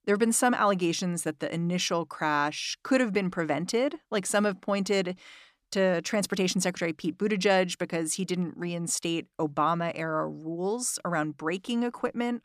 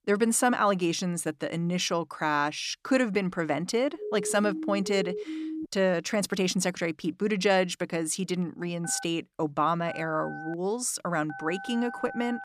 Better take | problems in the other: first | siren; noticeable; from 4 to 5.5 s; peak 7 dB below the speech // phone ringing; faint; from 9 s on; peak 10 dB below the speech

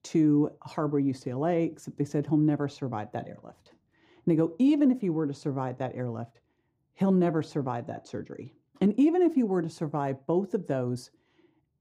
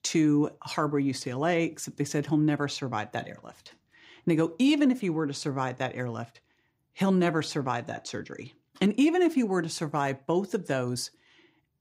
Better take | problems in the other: second | muffled; slightly; fading above 1 kHz

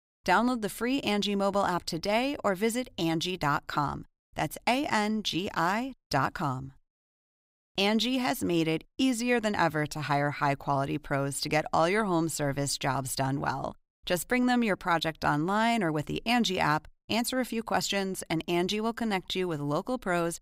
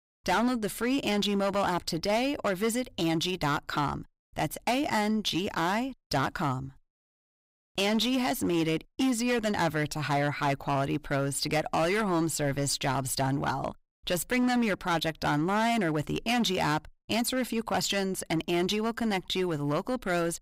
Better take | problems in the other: first | distortion; slight; 10% of the sound clipped

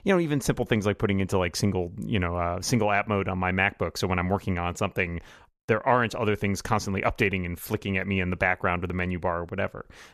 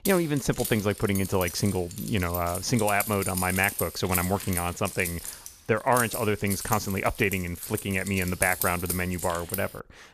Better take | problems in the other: first | jangling keys; noticeable; until 9.5 s; peak 1 dB below the speech

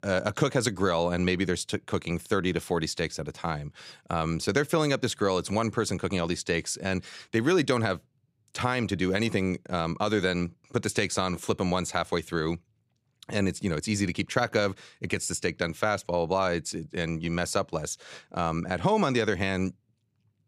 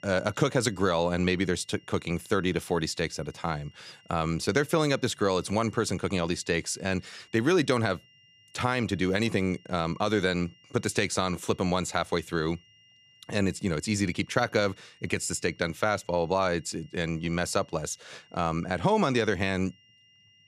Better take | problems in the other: first | high-pitched whine; faint; throughout; 3 kHz, 30 dB below the speech

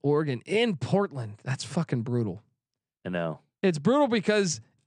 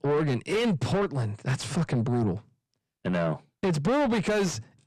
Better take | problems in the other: first | distortion; heavy; 6 dB below the speech

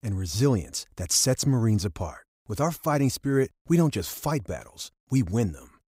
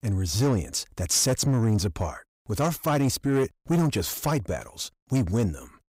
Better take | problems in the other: first | distortion; slight; 10 dB below the speech

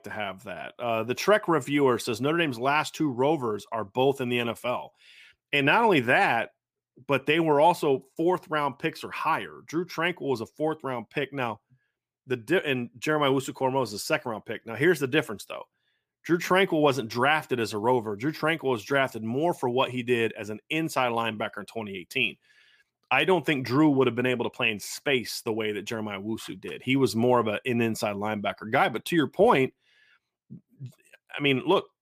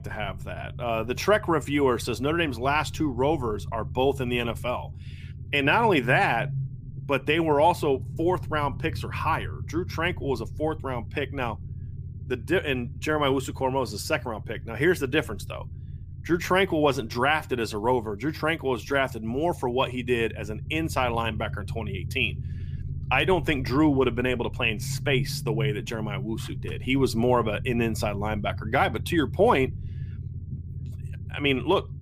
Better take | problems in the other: first | low rumble; faint; throughout; 25 dB below the speech

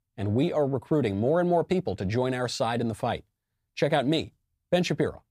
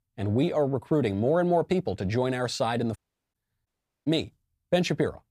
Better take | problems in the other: first | audio cutting out; at 3 s and at 3.5 s

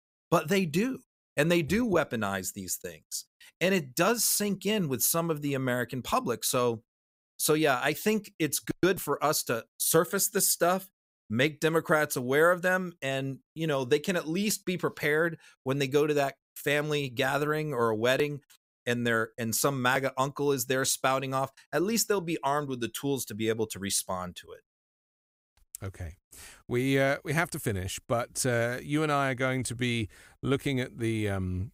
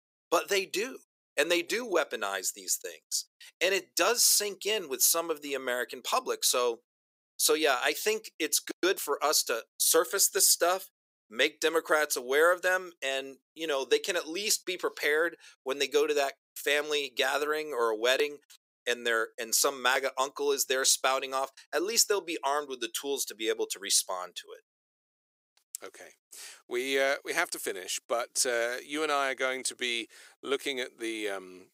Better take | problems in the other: first | thin; very; fading below 400 Hz

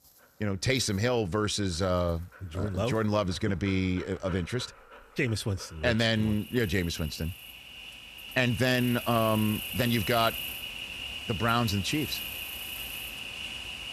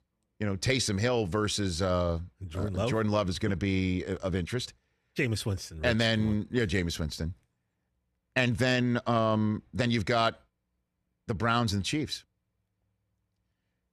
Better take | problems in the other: second | animal sounds; loud; throughout; 8 dB below the speech

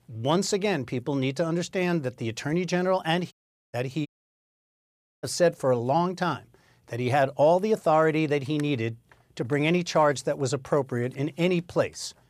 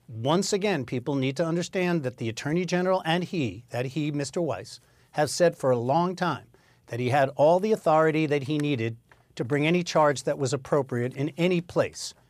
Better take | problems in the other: second | audio cutting out; at 3.5 s and at 4 s for 1 s

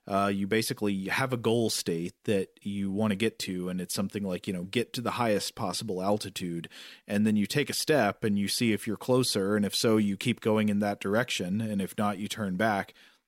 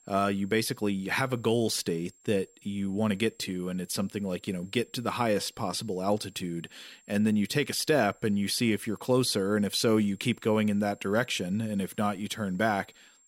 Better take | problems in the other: first | high-pitched whine; faint; throughout; 7.5 kHz, 30 dB below the speech

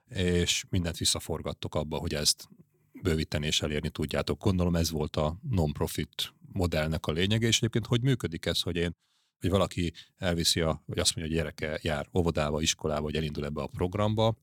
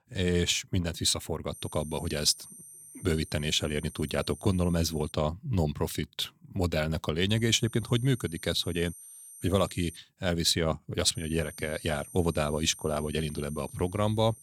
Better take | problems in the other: first | high-pitched whine; noticeable; from 1.5 to 5 s, from 7.5 to 10 s and from 11 s on; 9 kHz, 15 dB below the speech

